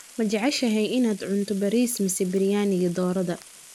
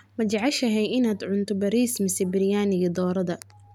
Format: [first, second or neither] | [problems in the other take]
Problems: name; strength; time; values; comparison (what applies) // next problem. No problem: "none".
second | noise reduction (neural mask model Resemble Enhance denoiser)